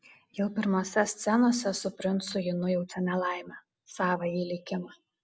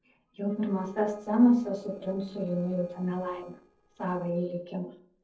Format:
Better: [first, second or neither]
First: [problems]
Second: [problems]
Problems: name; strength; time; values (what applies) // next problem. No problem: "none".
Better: first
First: none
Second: noise reduction (neural separator model SepFormer DNS4)